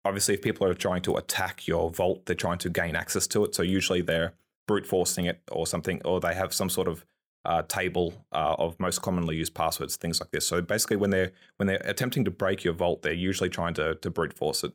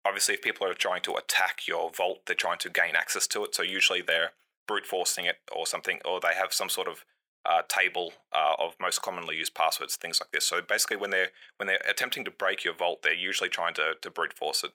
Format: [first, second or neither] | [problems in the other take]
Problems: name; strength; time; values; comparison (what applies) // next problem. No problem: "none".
first | thin; very; fading below 600 Hz